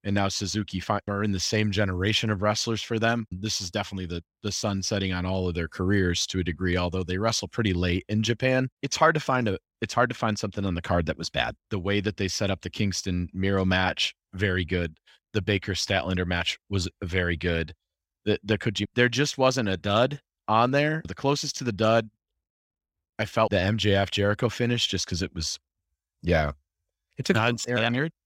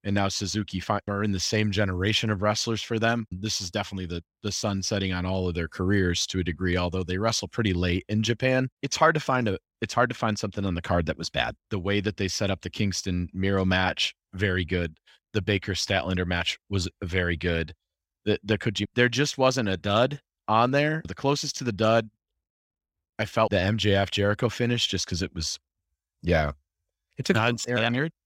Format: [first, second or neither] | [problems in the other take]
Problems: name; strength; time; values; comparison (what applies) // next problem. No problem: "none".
neither | none